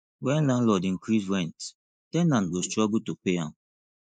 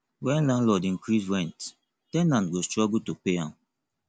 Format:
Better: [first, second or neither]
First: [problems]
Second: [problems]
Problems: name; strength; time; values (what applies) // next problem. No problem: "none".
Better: second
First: noise reduction (neural mask model Resemble Enhance denoiser)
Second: none